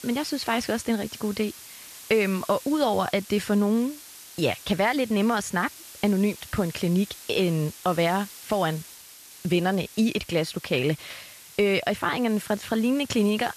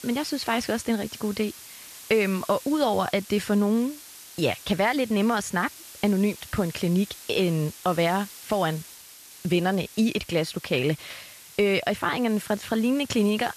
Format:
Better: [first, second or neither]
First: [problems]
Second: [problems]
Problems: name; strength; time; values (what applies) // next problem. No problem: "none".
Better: neither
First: hiss; noticeable; throughout; 15 dB below the speech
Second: hiss; noticeable; throughout; 15 dB below the speech